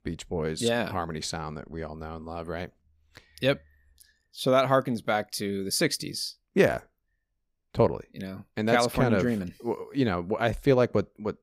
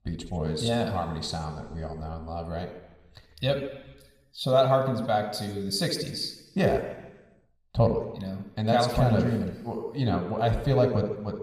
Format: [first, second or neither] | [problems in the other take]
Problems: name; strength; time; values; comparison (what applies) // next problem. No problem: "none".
first | room echo; slight; dies away in 0.9 s